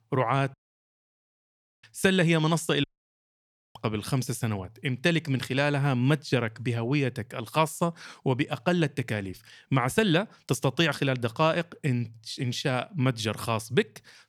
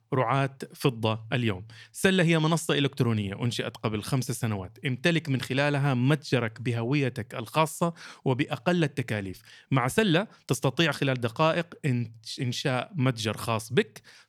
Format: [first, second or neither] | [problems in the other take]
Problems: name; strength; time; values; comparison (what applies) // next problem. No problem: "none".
second | audio cutting out; at 0.5 s for 1.5 s and at 3 s for 1 s